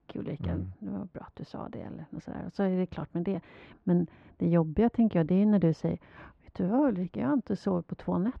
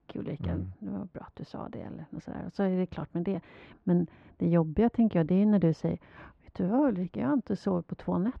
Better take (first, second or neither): neither